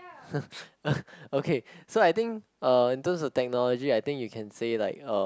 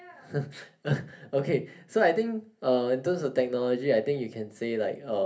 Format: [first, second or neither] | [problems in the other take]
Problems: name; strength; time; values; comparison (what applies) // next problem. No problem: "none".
first | room echo; dies away in 0.3 s